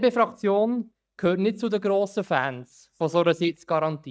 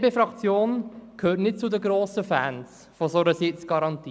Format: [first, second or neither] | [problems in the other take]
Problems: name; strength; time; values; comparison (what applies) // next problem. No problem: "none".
second | noise reduction (neural mask model DeepFilterNet 3)